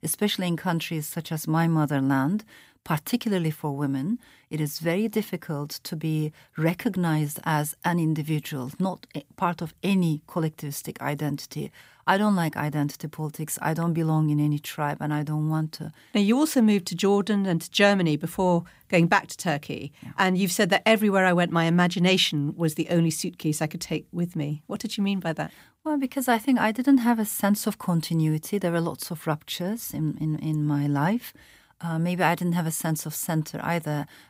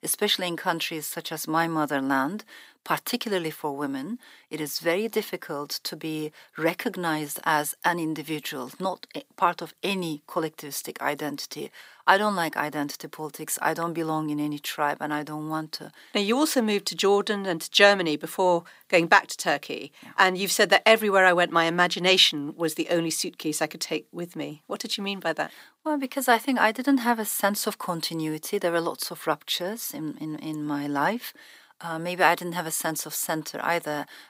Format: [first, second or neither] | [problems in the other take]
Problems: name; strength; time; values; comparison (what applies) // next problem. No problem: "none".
first | thin; somewhat; fading below 400 Hz